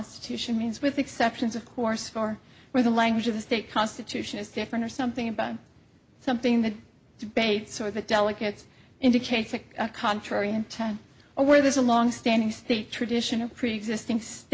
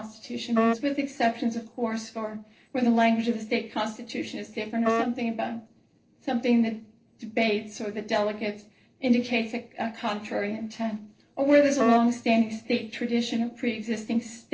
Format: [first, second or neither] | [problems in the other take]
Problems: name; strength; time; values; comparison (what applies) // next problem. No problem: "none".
first | noise reduction (neural separator model SepFormer DNS4)